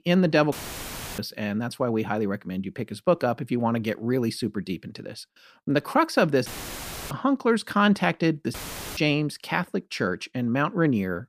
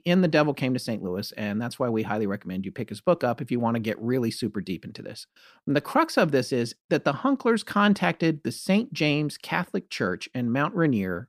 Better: second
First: audio cutting out; filled with static; at 0.5 s for 0.5 s, at 6.5 s for 0.5 s and at 8.5 s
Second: none

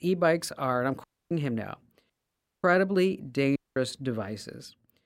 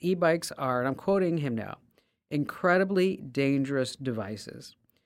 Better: second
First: audio cutting out; at 1 s, at 2 s for 0.5 s and at 3.5 s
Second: none

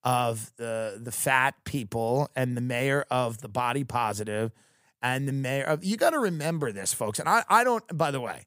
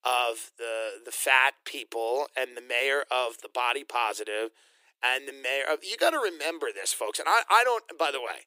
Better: first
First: none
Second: thin; very; fading below 350 Hz

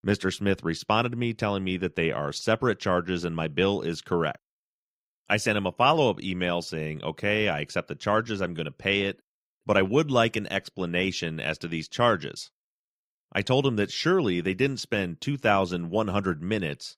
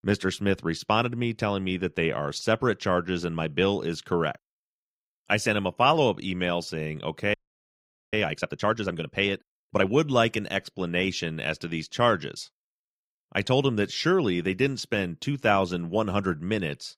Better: first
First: none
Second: audio freezing; at 7.5 s for 1 s

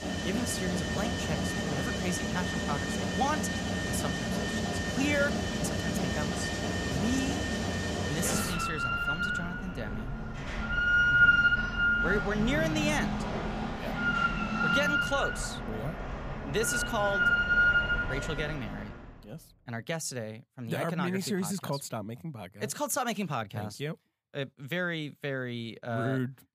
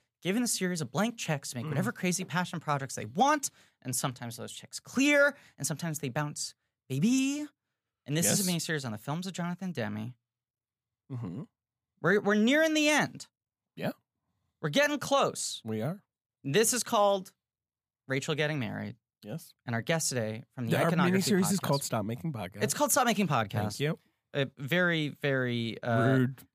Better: second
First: machinery noise; very loud; until 19 s; 5 dB above the speech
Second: none

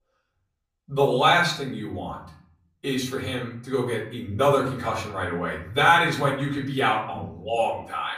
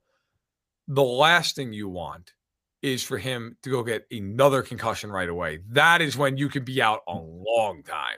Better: second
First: off-mic speech; far // room echo; slight; dies away in 0.6 s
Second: none

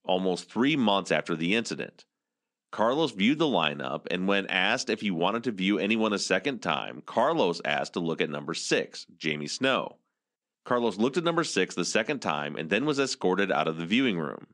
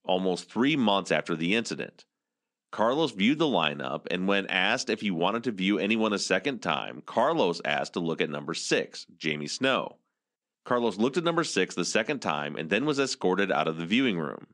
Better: neither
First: none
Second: none

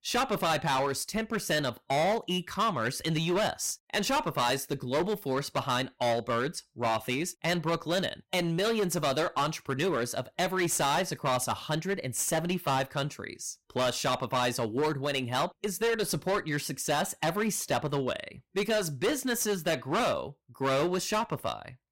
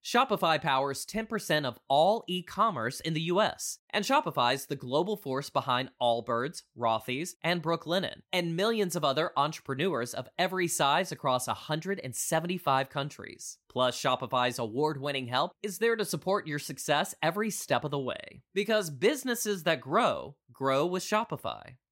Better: second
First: distortion; heavy; 14% of the sound clipped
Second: none

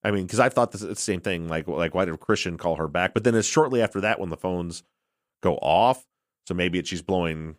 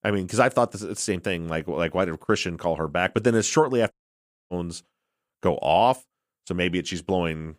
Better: first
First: none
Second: audio cutting out; at 4 s for 0.5 s

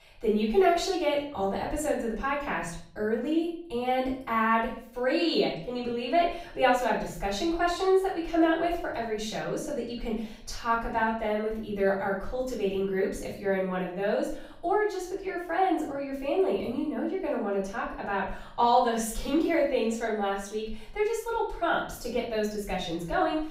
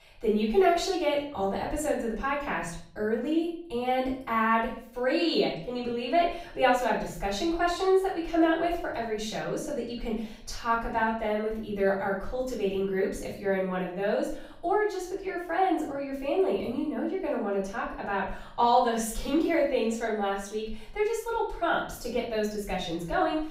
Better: neither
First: room echo; noticeable; dies away in 0.5 s // off-mic speech; far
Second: room echo; noticeable; dies away in 0.5 s // off-mic speech; far

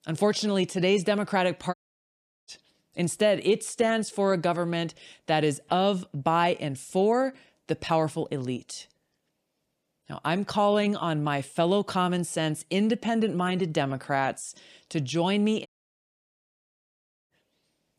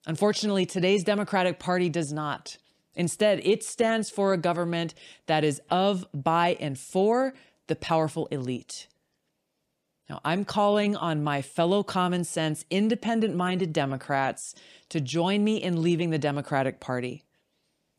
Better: second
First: audio cutting out; at 1.5 s for 0.5 s and at 16 s for 1.5 s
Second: none

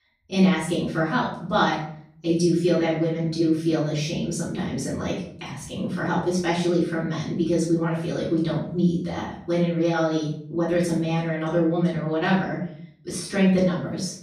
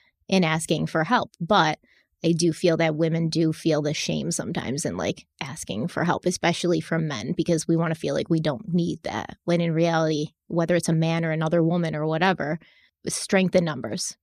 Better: second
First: room echo; noticeable; dies away in 0.5 s // off-mic speech; far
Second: none

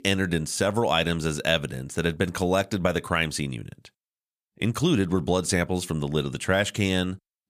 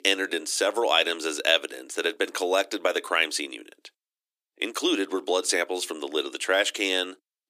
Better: first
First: none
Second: thin; somewhat; fading below 300 Hz

